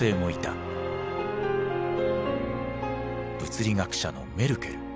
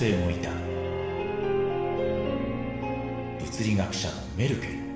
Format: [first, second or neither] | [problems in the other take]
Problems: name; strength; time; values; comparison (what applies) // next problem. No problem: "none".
first | room echo; dies away in 1.2 s